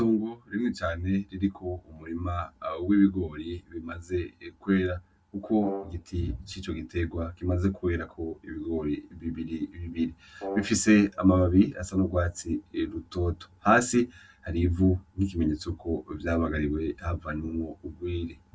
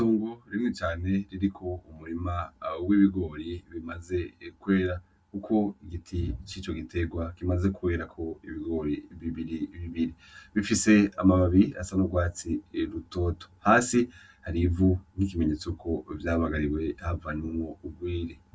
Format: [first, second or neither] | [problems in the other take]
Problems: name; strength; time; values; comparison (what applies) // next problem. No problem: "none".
second | background sound (Brass instrument); 11 dB below the speech